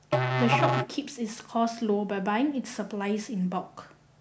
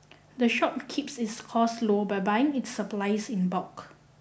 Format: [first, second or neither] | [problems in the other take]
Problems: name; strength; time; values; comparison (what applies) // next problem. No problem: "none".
second | background sound (Musical instrument); 1 dB below the speech